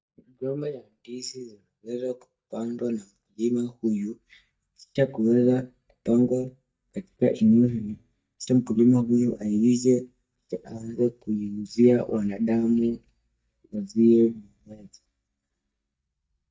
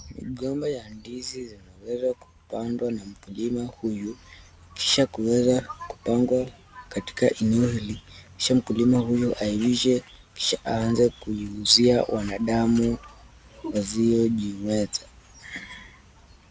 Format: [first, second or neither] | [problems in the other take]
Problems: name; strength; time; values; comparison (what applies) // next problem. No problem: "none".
second | noise reduction (neural mask model DeepFilterNet 3)